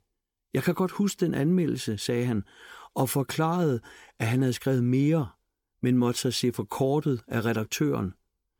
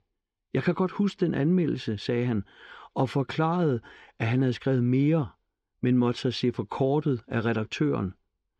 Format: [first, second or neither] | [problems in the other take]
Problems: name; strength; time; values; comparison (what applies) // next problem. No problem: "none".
first | muffled; slightly; fading above 4 kHz